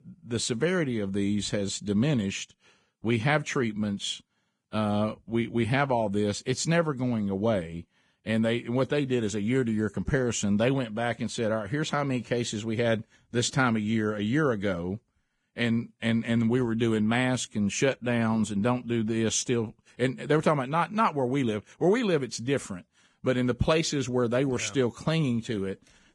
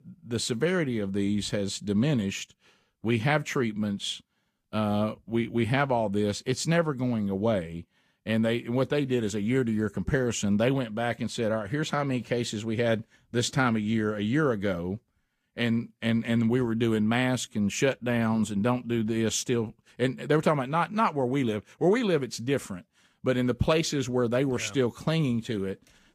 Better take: second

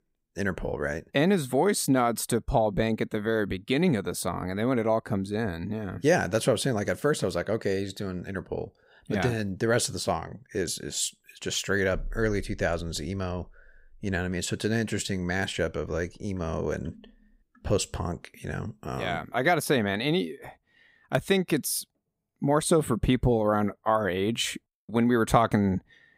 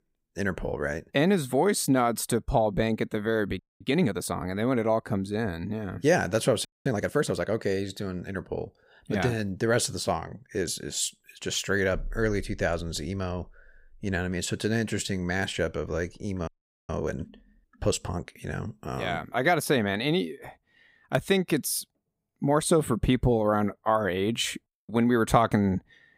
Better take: first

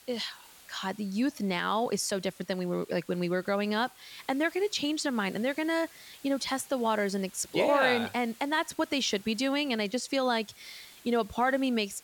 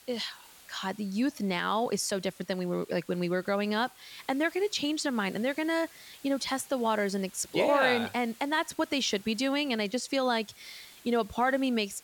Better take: neither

